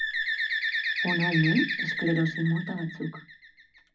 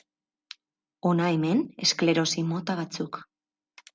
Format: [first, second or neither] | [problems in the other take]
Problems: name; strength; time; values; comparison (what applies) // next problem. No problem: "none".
second | background sound (Bird); 1 dB below the speech // room echo; dies away in 0.4 s